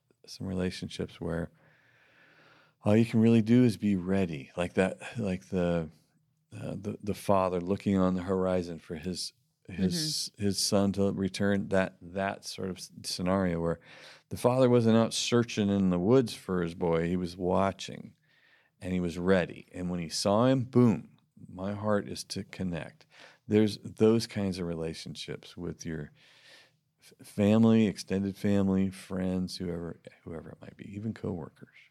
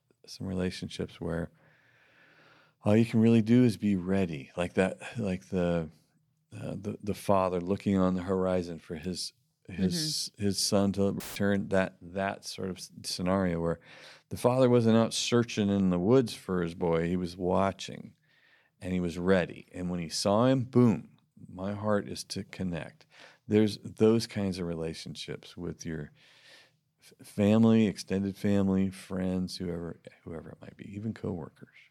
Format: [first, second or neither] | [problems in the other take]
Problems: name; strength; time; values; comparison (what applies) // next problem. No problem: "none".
first | audio cutting out; filled with static; at 11 s